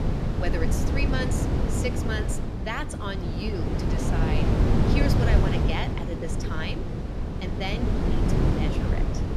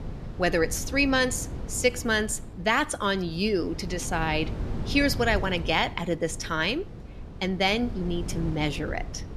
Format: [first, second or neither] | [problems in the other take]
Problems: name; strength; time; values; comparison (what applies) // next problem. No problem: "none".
second | wind noise on the microphone; heavy; 1 dB above the speech; occasional gusts in the second